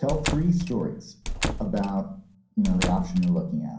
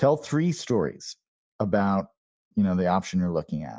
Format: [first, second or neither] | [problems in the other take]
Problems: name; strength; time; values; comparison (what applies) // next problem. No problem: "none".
second | background sound (Squeak / Slam / Wood); 5 dB below the speech // room echo; dies away in 0.6 s